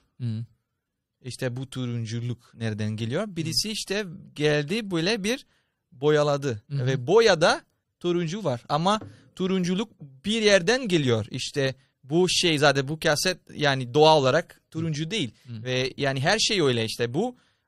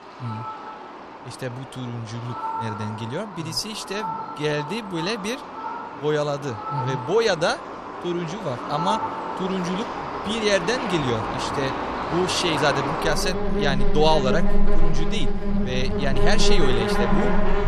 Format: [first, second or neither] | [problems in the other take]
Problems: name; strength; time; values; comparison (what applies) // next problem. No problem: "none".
first | animal sounds; loud; throughout; 2 dB below the speech